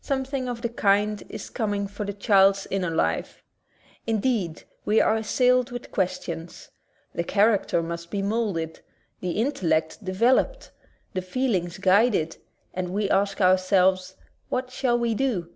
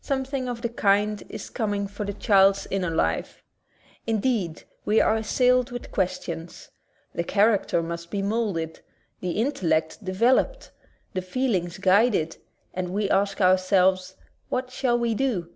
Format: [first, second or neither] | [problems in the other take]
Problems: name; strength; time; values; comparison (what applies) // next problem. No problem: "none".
first | background sound (Fireworks); 17 dB below the speech